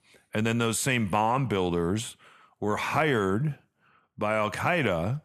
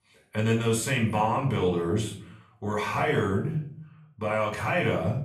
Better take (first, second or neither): first